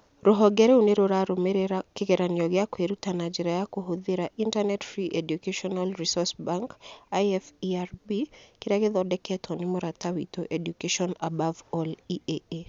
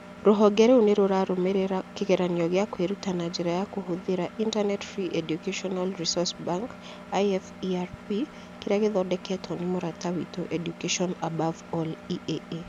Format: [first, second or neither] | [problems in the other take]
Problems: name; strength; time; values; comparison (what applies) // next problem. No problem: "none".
first | background sound (Engine); 17 dB below the speech